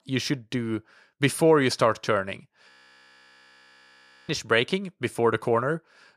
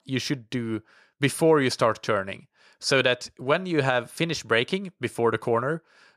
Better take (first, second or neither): second